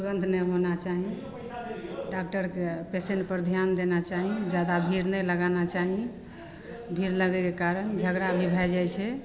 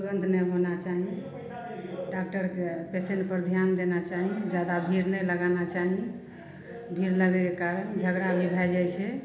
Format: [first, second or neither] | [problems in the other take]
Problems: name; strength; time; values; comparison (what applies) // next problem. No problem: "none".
first | room echo; dies away in 1 s